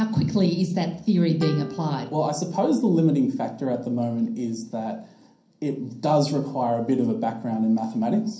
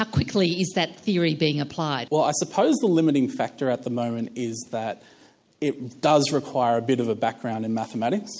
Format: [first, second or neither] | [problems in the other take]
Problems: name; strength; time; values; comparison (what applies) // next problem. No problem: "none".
second | background sound (Plucked string instrument); 18 dB below the speech // room echo; dies away in 0.6 s